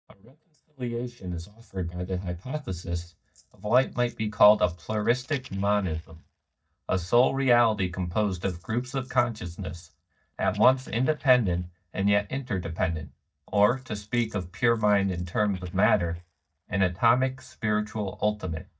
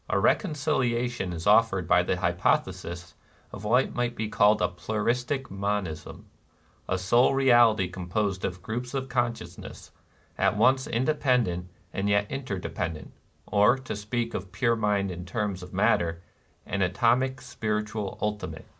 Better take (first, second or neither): second